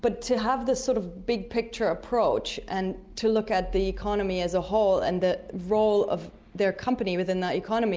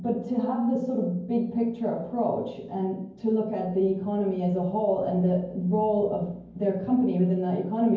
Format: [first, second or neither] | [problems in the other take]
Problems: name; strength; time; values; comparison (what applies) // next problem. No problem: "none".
first | room echo; dies away in 0.9 s